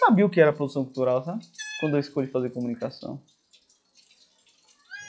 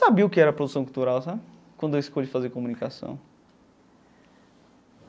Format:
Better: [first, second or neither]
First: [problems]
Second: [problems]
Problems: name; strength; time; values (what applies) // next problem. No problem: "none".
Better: second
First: noise reduction (classical method log-MMSE)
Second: none